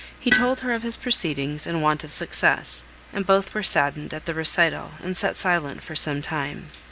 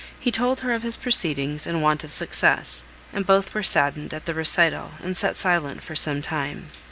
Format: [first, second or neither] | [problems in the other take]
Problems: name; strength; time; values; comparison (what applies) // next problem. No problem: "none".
second | background sound (Tools); 7 dB below the speech